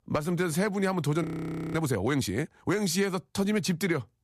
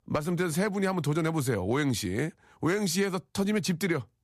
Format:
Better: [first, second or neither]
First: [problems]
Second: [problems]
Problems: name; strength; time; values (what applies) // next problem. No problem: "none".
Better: second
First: audio freezing; at 1 s for 0.5 s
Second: none